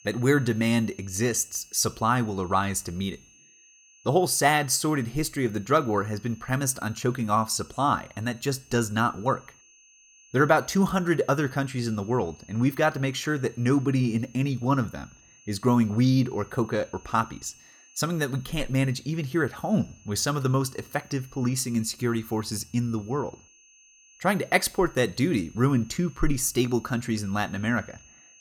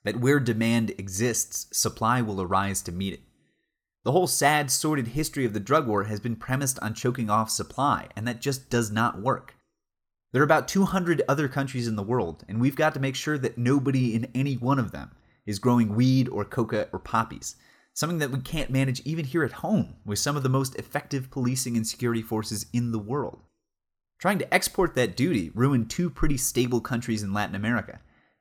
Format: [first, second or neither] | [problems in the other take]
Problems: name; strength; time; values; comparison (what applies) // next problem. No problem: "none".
second | high-pitched whine; faint; throughout; 6.5 kHz, 25 dB below the speech